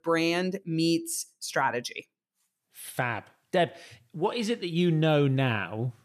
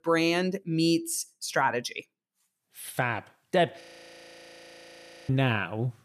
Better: first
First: none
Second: audio freezing; at 4 s for 1.5 s

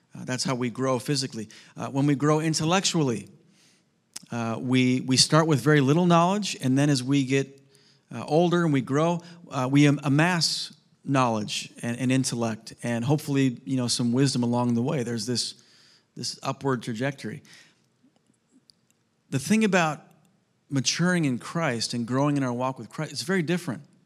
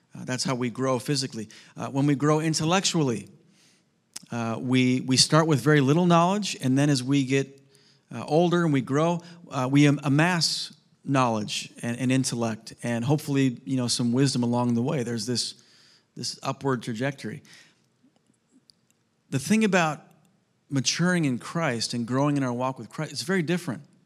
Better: neither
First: none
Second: none

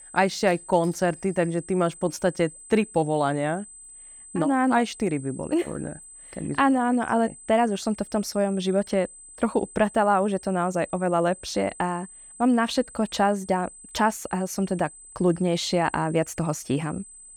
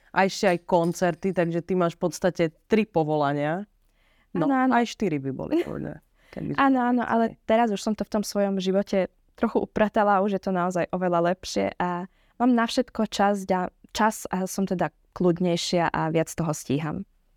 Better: second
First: high-pitched whine; noticeable; throughout; 8 kHz, 20 dB below the speech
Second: none

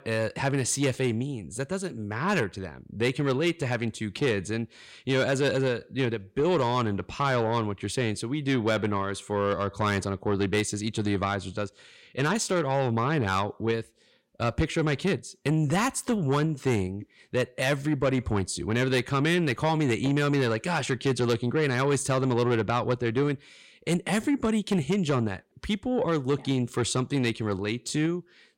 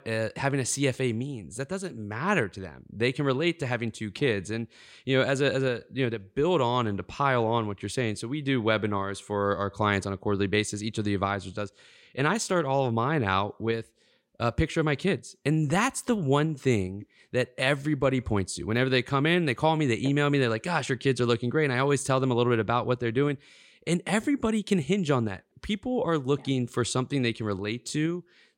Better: second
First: distortion; slight; 10 dB below the speech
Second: none

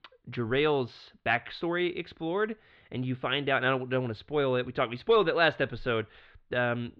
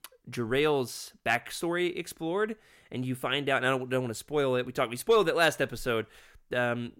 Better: second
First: muffled; slightly; fading above 4 kHz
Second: none

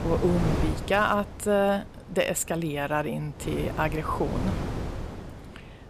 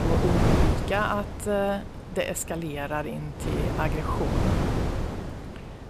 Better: first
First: wind noise on the microphone; occasional gusts; 10 dB below the speech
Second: wind noise on the microphone; heavy; 2 dB below the speech

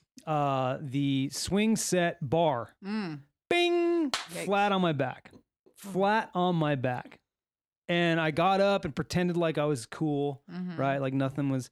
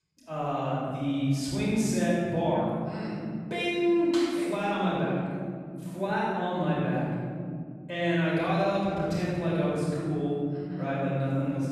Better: first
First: none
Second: off-mic speech; far // room echo; strong; dies away in 2.8 s

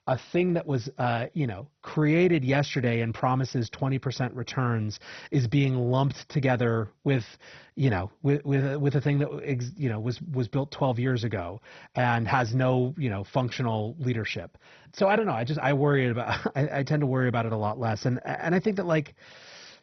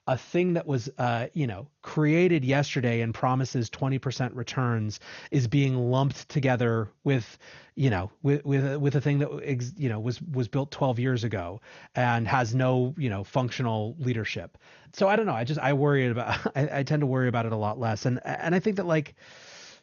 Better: second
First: garbled, watery; badly; nothing above 6 kHz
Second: garbled, watery; slightly; nothing above 6.5 kHz

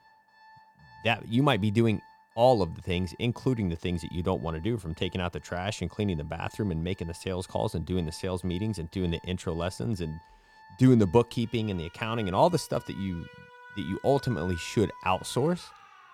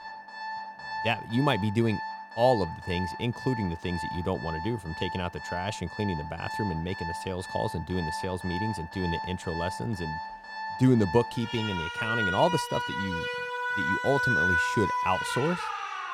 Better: first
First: alarms or sirens; faint; throughout; 20 dB below the speech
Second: alarms or sirens; loud; throughout; 3 dB below the speech

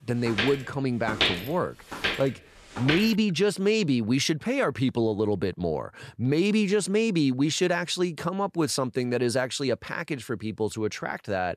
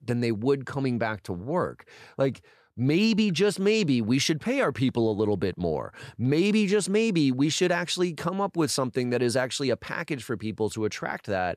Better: second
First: footsteps; loud; until 3 s; peak 2 dB above the speech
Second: none

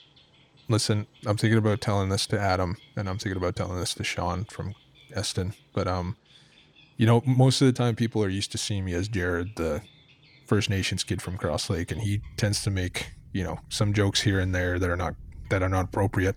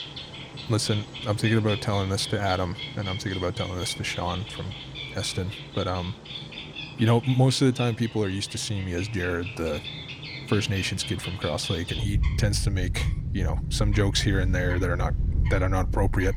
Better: first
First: animal sounds; faint; throughout; 25 dB below the speech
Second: animal sounds; loud; throughout; 6 dB below the speech

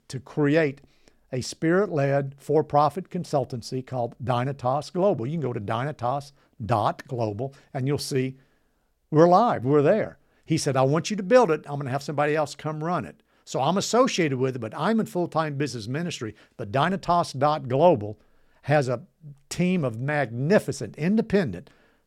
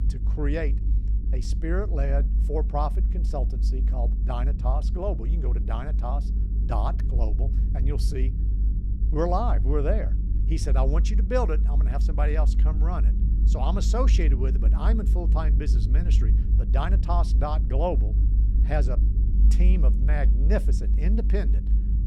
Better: first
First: none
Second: low rumble; noticeable; throughout; 10 dB below the speech

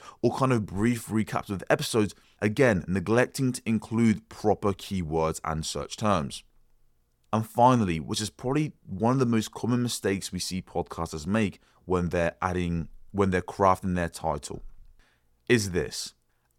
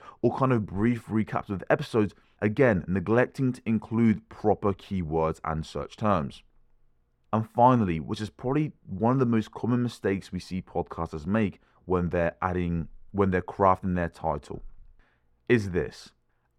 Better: first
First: none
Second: muffled; slightly; fading above 3.5 kHz

